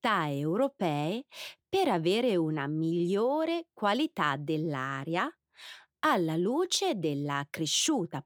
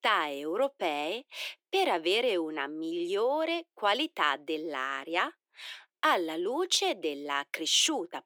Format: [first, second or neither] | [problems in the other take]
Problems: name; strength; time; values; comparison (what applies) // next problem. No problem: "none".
first | thin; somewhat; fading below 350 Hz